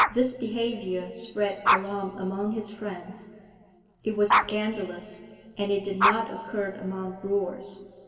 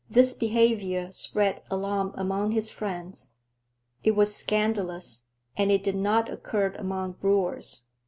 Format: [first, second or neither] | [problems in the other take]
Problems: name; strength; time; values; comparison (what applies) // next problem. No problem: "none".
second | background sound (Dog); 1 dB below the speech // room echo; dies away in 2.2 s